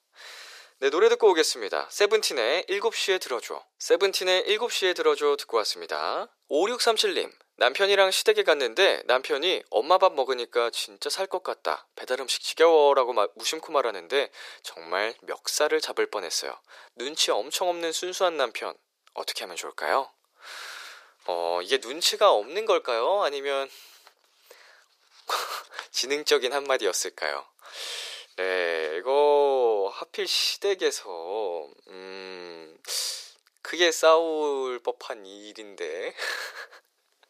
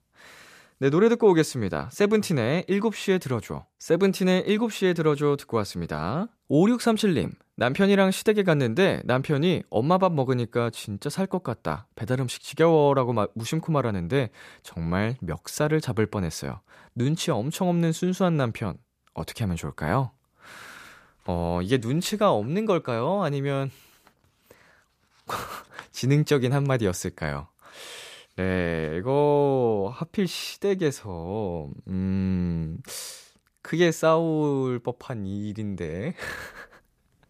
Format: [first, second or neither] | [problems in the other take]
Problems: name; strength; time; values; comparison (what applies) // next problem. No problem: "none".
second | thin; very; fading below 400 Hz